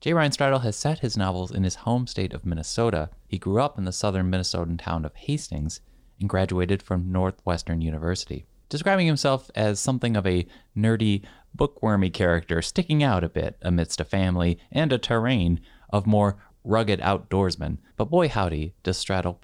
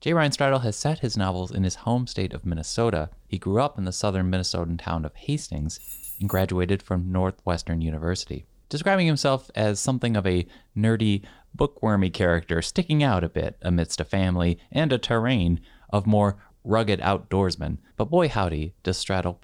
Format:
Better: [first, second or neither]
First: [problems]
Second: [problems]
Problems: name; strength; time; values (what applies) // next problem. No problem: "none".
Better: first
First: none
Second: jangling keys; noticeable; at 6 s; peak 9 dB below the speech